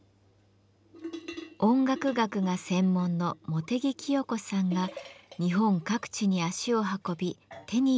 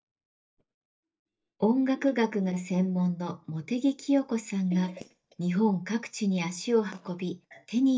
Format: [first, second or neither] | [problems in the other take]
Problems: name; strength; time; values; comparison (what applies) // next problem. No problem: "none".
first | noise reduction (neural mask model DeepFilterNet 3)